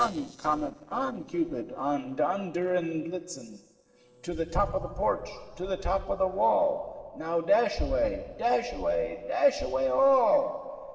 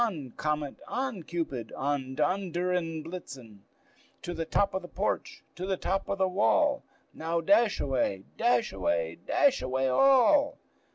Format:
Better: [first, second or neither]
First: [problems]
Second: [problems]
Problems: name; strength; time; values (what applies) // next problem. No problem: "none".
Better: second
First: noise reduction (neural separator model SepFormer DNS4)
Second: none